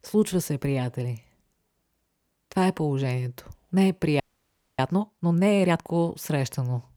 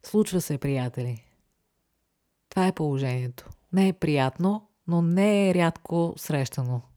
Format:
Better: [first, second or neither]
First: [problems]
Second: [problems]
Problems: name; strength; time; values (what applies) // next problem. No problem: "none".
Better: second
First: audio freezing; at 4 s for 0.5 s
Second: none